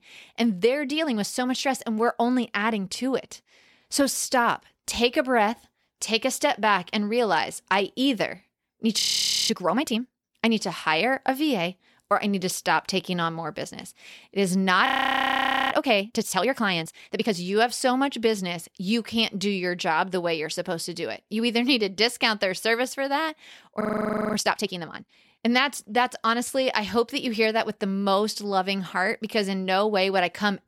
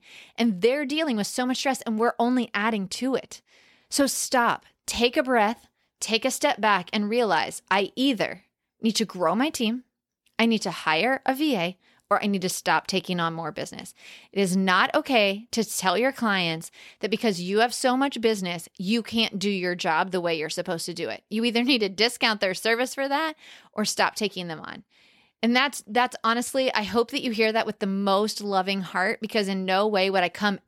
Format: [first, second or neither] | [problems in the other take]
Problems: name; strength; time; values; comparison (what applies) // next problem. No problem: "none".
second | audio freezing; at 9 s, at 15 s for 1 s and at 24 s for 0.5 s